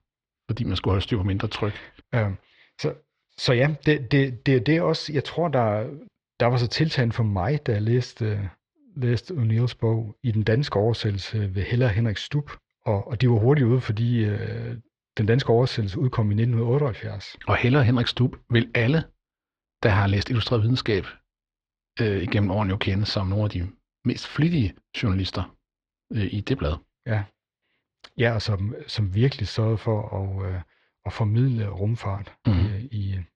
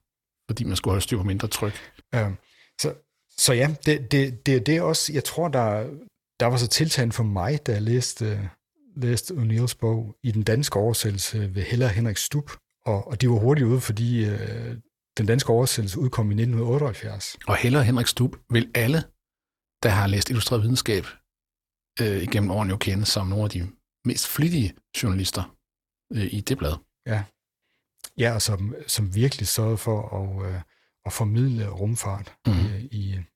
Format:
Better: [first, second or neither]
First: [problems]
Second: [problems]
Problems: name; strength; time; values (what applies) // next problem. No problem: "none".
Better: second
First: muffled; slightly; fading above 4 kHz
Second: none